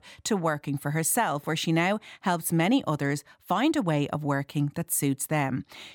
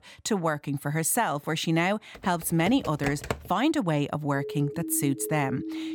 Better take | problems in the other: first | keyboard typing; noticeable; from 2 to 3.5 s; peak 6 dB below the speech // siren; noticeable; from 4.5 s on; peak 8 dB below the speech

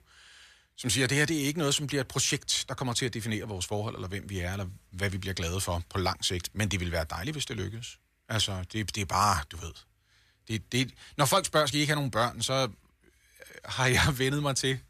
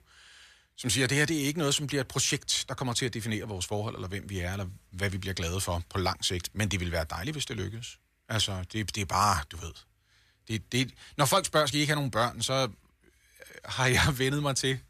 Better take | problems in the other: neither | none

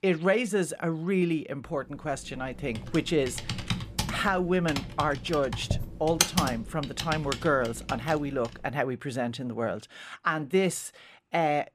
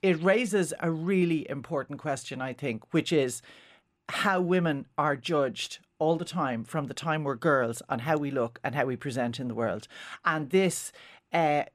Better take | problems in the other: second | keyboard typing; loud; from 3 to 8 s; peak 4 dB above the speech

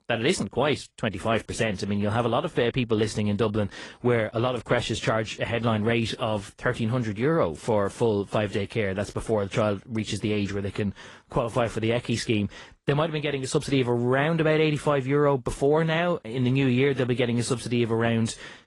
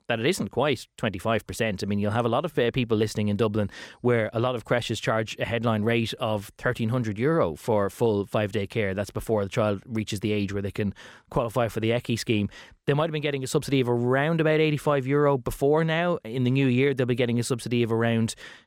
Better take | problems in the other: second | garbled, watery; slightly

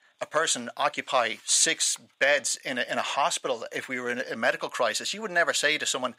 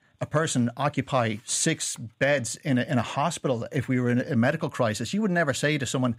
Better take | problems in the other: second | thin; very; fading below 600 Hz

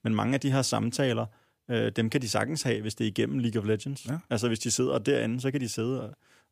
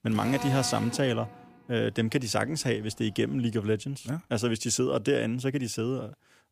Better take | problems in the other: first | machinery noise; noticeable; until 3.5 s; 10 dB below the speech

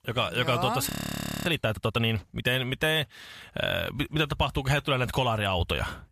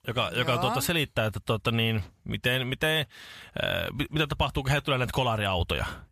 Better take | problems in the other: second | audio freezing; at 1 s for 0.5 s

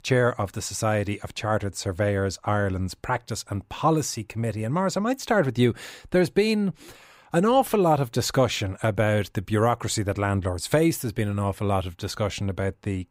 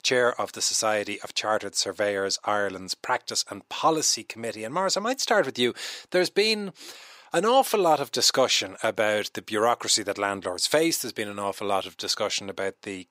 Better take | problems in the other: first | thin; somewhat; fading below 350 Hz

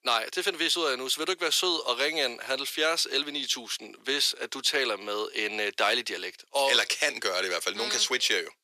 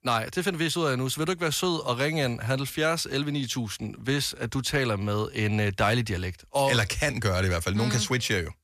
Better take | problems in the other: second | thin; very; fading below 350 Hz

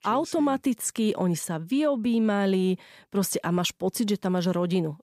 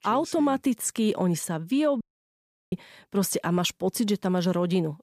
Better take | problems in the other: first | audio cutting out; at 2 s for 0.5 s

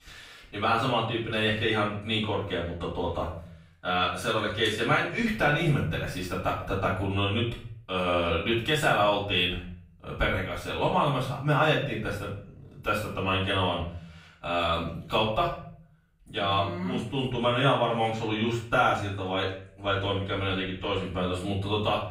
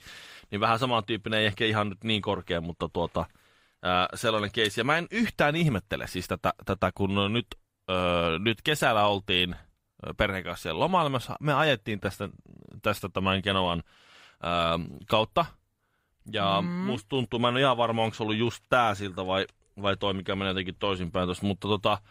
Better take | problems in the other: second | off-mic speech; far // room echo; noticeable; dies away in 0.5 s

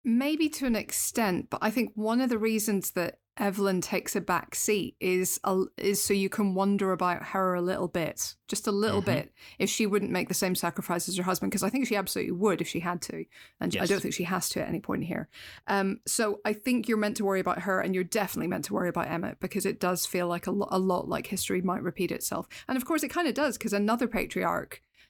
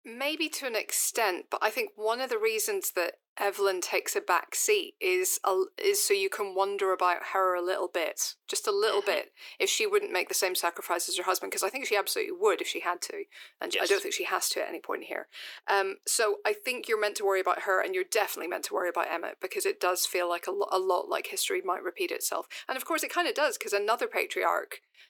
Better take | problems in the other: first | thin; very; fading below 400 Hz

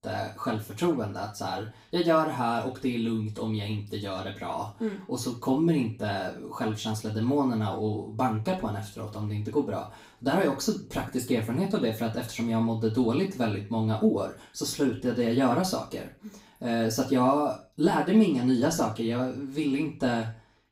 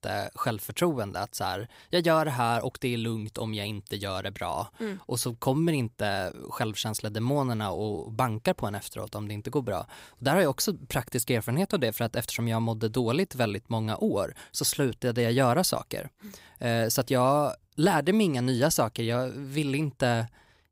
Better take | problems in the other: second | room echo; slight; dies away in 0.3 s // off-mic speech; far

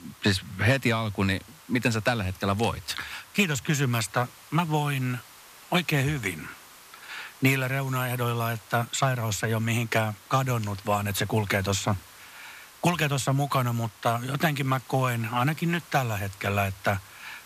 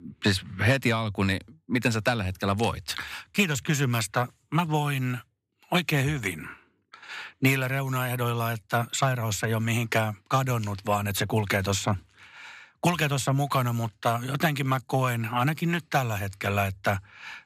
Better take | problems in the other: second | hiss; faint; throughout; 20 dB below the speech

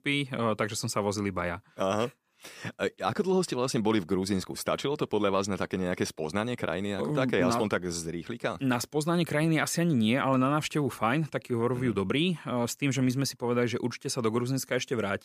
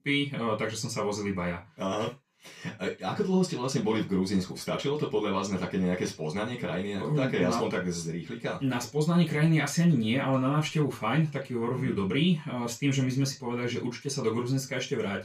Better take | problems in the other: first | room echo; slight; dies away in 0.2 s // off-mic speech; far

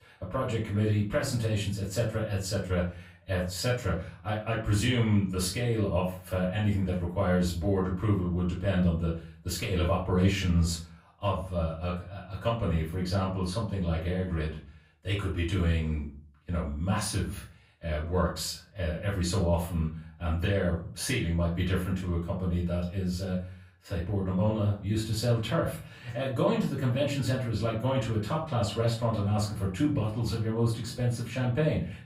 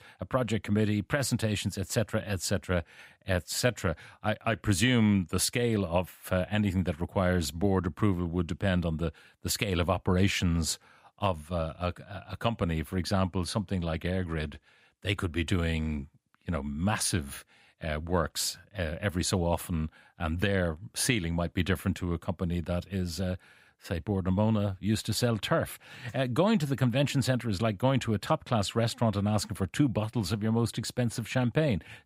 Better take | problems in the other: second | off-mic speech; far // room echo; slight; dies away in 0.4 s

